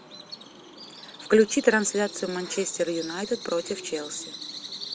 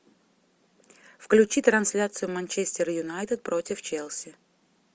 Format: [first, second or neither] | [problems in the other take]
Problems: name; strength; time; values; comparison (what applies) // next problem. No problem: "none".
second | background sound (Bird vocalization, bird call, bird song); 13 dB below the speech